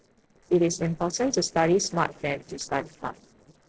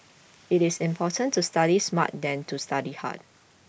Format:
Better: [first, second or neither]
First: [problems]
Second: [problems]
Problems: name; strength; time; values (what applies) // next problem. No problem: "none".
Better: second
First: noise reduction (neural separator model SepFormer DNS4)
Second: none